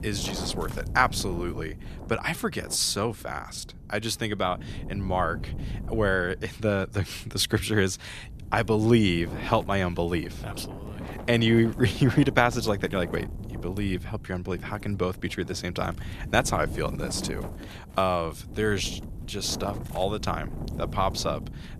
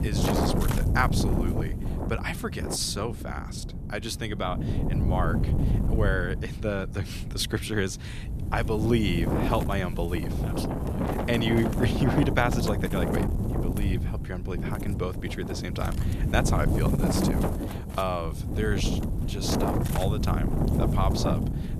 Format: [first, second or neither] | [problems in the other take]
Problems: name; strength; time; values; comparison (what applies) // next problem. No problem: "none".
first | wind noise on the microphone; heavy; 3 dB below the speech; occasional gusts in the first